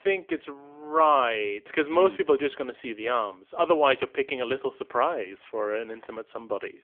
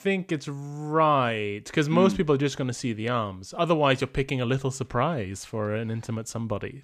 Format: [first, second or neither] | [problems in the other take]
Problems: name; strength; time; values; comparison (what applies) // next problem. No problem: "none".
second | phone-call audio; nothing above 3.5 kHz